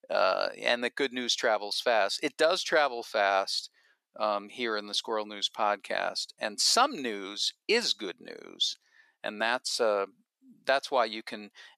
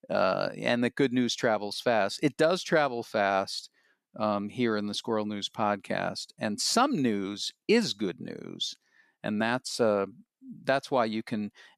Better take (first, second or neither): second